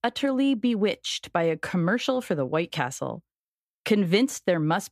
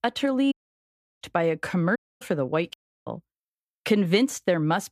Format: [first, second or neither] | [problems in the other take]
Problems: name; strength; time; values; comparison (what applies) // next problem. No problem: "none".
first | audio cutting out; at 0.5 s for 0.5 s, at 2 s and at 2.5 s